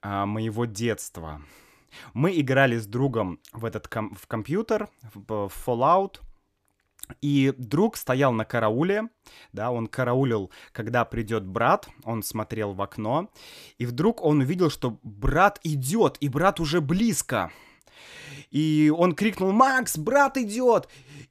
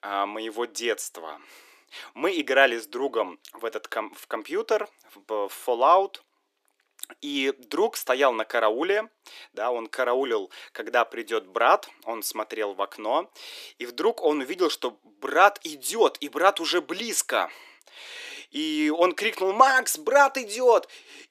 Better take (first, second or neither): first